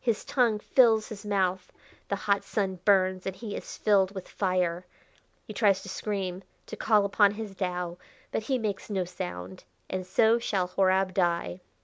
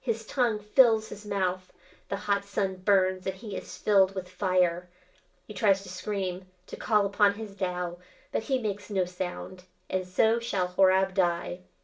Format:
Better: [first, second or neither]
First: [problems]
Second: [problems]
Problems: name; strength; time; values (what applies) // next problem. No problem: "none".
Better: first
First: none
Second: room echo; dies away in 0.3 s